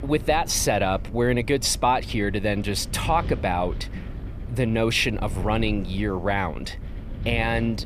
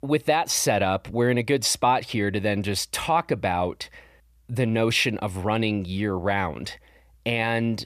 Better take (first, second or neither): second